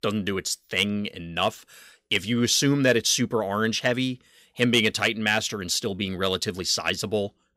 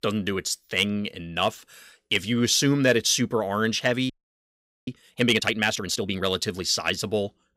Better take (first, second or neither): first